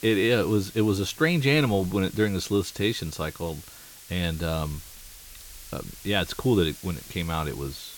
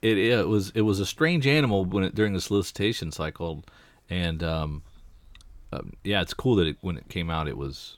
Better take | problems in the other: second | hiss; noticeable; throughout; 15 dB below the speech

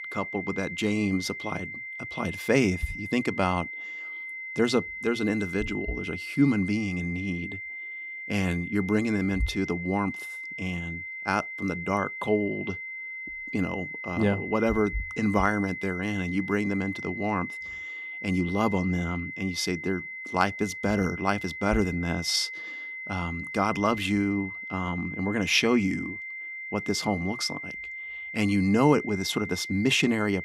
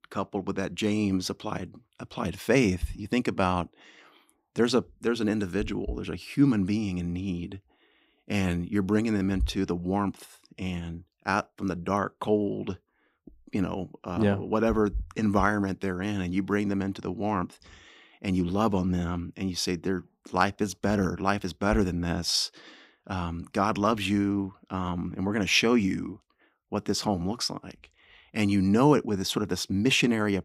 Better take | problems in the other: second | high-pitched whine; loud; throughout; 2 kHz, 8 dB below the speech

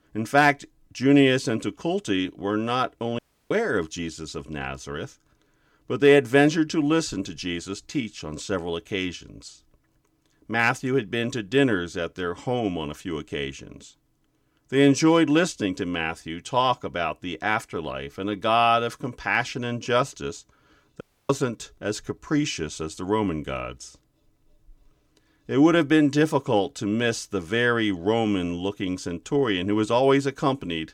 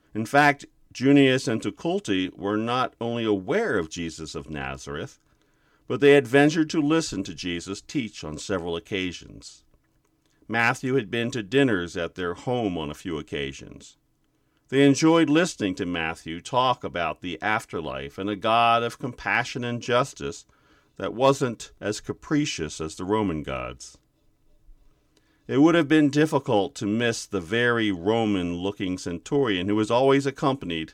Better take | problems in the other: second | audio cutting out; at 3 s and at 21 s

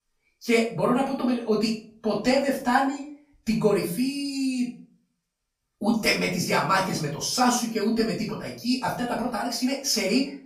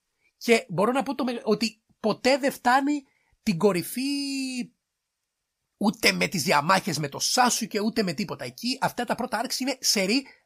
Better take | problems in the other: second | off-mic speech; far // room echo; slight; dies away in 0.4 s

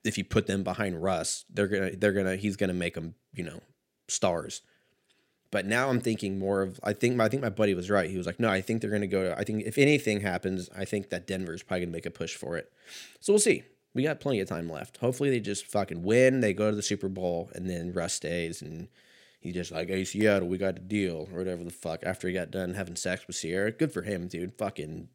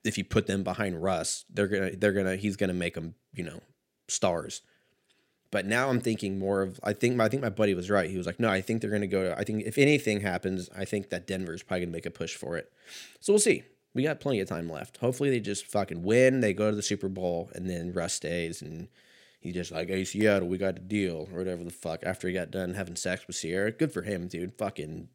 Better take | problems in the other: neither | none

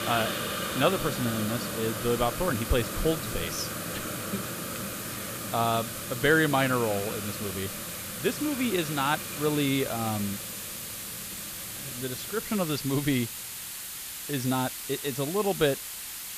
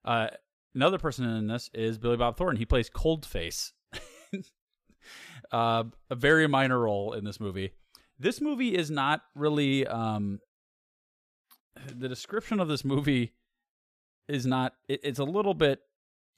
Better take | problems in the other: second | hiss; loud; throughout; 5 dB below the speech

